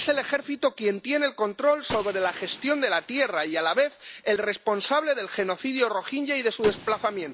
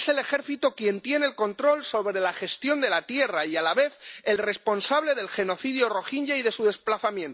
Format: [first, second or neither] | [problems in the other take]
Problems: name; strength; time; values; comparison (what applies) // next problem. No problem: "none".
second | background sound (Gunshot, gunfire); 18 dB below the speech